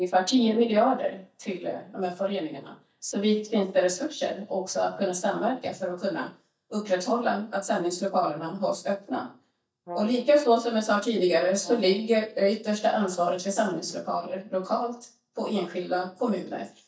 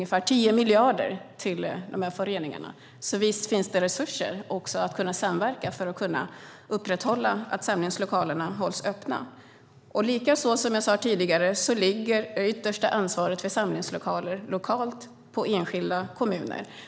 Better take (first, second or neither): second